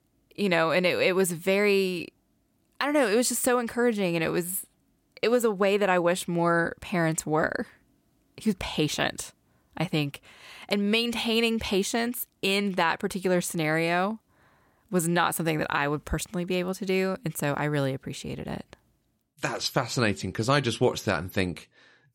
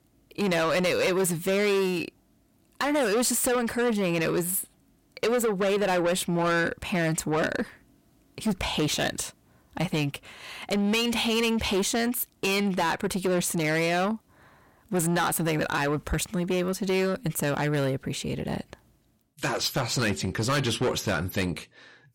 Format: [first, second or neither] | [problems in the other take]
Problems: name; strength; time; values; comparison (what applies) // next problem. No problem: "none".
first | distortion; heavy; 7 dB below the speech